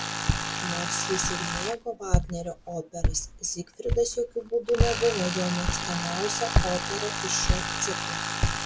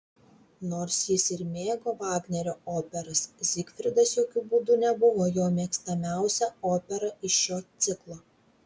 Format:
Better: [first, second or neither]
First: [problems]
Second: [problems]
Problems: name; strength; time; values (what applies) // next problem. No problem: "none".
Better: second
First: background sound (Walk, footsteps + Tools); 2 dB above the speech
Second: none